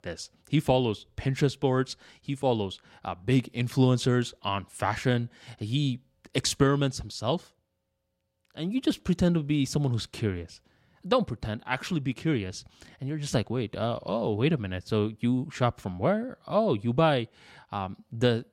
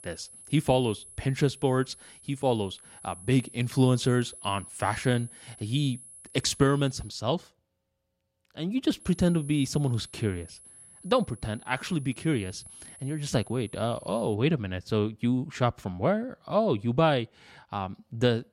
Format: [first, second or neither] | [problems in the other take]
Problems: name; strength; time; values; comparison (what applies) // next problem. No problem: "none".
first | high-pitched whine; noticeable; until 7 s and from 9 to 14 s; 10.5 kHz, 20 dB below the speech